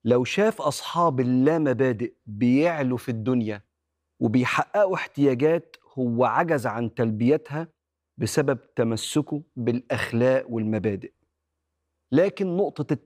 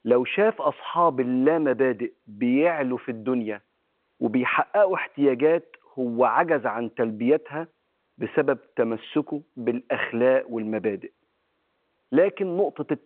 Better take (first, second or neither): first